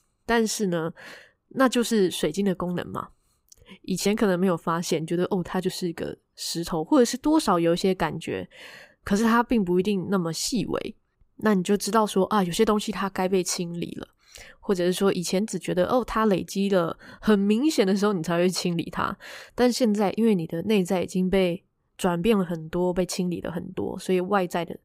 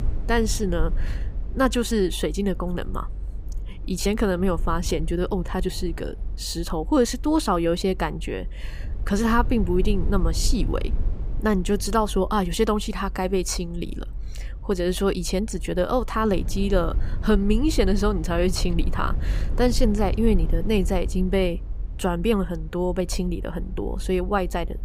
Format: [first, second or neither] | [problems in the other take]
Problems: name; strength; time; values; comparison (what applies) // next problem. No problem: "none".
first | low rumble; faint; throughout; 20 dB below the speech